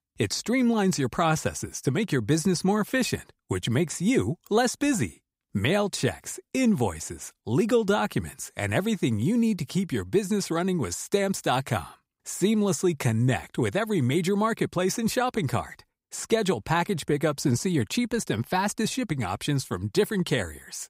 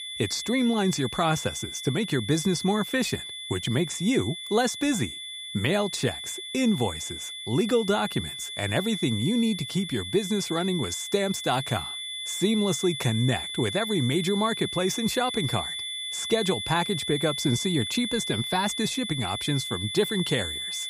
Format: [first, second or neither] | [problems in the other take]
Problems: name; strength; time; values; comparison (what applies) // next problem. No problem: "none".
first | high-pitched whine; loud; throughout; 3.5 kHz, 5 dB below the speech